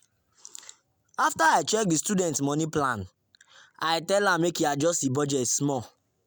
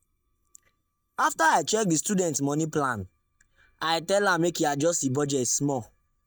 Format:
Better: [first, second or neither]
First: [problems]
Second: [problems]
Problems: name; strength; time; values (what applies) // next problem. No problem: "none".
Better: first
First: none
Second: noise reduction (neural mask model DeepFilterNet 3)